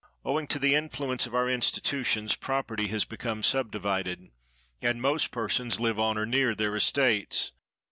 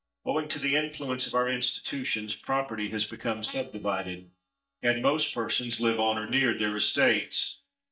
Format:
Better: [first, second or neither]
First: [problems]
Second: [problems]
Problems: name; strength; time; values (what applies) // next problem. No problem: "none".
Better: first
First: none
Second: noise reduction (neural mask model DeepFilterNet 3)